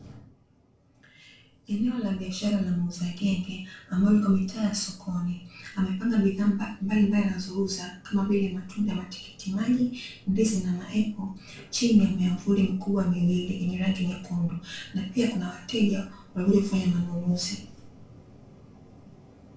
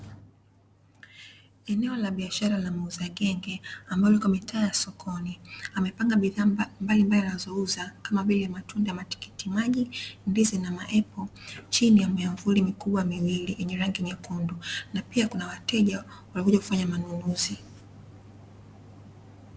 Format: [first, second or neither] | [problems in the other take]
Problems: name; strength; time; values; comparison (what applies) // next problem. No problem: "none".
second | room echo; dies away in 0.3 s